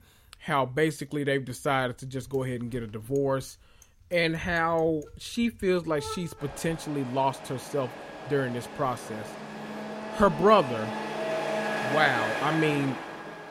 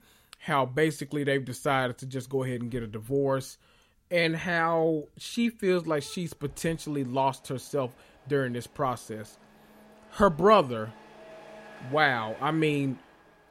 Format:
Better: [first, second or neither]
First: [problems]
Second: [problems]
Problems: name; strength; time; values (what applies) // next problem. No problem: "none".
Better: second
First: traffic noise; loud; throughout; 7 dB below the speech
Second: traffic noise; faint; throughout; 25 dB below the speech